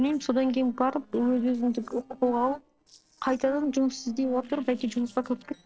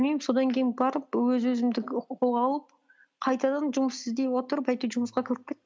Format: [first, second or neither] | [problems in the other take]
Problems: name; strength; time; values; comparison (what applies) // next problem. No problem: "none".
second | noise reduction (neural separator model SepFormer DNS4)